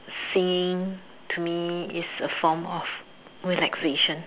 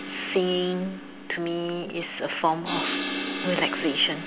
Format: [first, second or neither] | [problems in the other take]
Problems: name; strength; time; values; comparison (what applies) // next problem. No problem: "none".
first | background sound (Crash cymbal); 6 dB below the speech